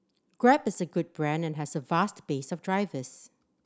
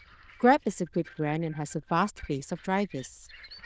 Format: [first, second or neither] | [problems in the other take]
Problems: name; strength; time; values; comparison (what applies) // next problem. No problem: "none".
first | noise reduction (neural diffusion model UNIVERSE++)